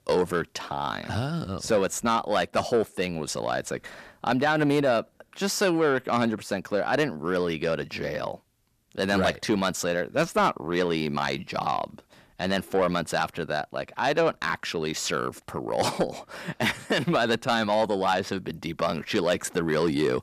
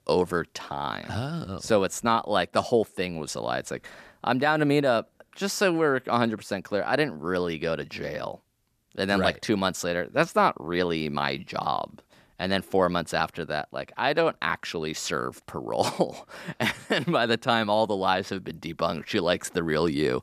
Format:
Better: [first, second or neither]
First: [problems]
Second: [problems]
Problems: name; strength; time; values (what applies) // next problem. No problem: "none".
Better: second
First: distortion; slight; 10 dB below the speech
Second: none